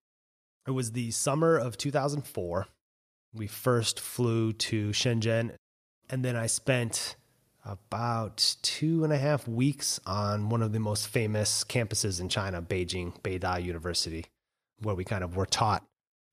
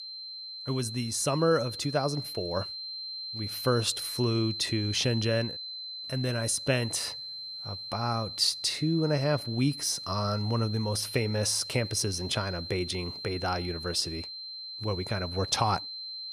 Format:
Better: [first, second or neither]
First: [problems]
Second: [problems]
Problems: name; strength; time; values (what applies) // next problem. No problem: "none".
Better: first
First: none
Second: high-pitched whine; loud; throughout; 4 kHz, 7 dB below the speech